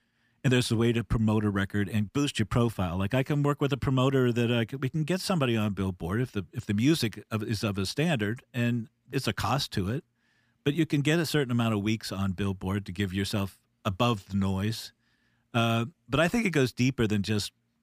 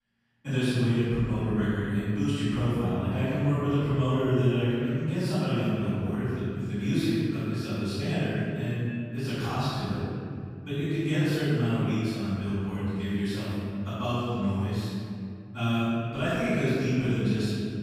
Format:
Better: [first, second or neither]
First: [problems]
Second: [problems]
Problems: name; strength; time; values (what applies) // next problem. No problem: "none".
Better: first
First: none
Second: off-mic speech; far // room echo; strong; dies away in 2.4 s